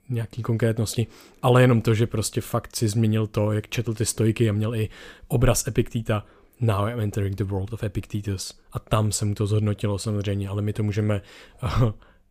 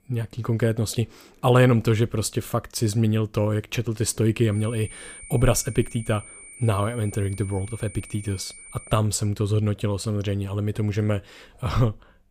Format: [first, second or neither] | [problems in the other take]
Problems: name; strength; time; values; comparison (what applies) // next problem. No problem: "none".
first | high-pitched whine; noticeable; from 4.5 to 9 s; 9 kHz, 15 dB below the speech